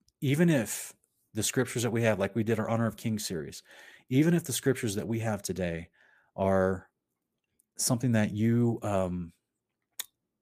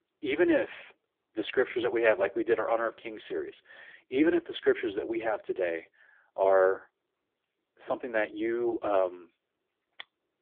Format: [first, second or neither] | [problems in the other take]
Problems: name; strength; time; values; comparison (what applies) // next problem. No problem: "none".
first | phone-call audio; poor line; nothing above 3.5 kHz